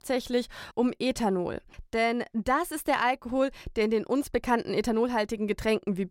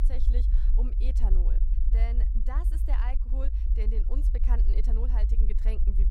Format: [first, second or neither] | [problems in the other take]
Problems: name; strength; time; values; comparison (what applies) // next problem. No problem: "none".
first | low rumble; loud; throughout; 5 dB below the speech